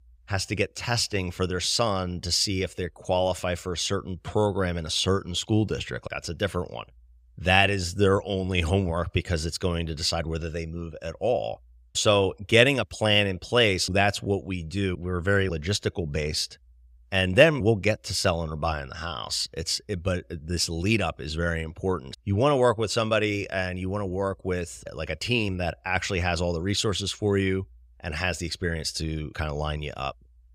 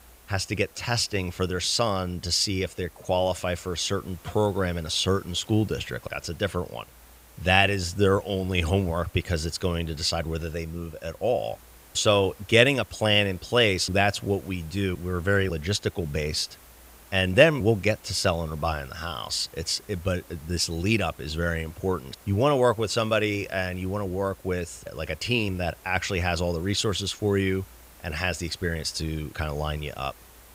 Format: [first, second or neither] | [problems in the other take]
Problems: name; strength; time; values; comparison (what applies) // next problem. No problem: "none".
first | hiss; faint; throughout; 25 dB below the speech